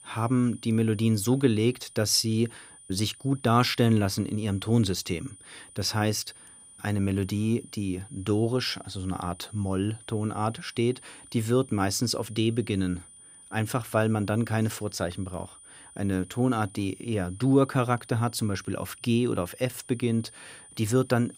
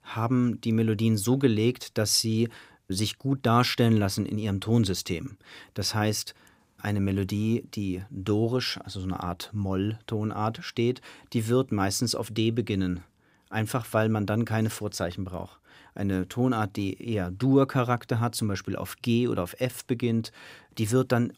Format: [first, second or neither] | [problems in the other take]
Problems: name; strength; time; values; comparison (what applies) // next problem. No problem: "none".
second | high-pitched whine; faint; throughout; 9.5 kHz, 20 dB below the speech